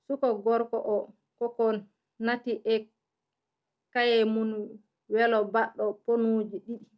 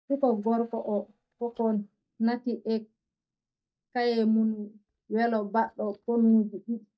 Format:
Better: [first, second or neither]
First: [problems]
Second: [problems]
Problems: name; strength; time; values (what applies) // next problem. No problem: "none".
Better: first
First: none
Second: noise reduction (neural mask model DeepFilterNet 3)